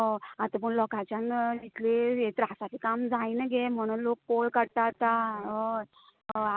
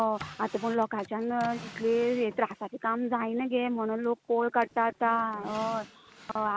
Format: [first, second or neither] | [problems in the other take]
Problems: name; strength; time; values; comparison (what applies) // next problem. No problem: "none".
first | background sound (Drawer open or close); 19 dB below the speech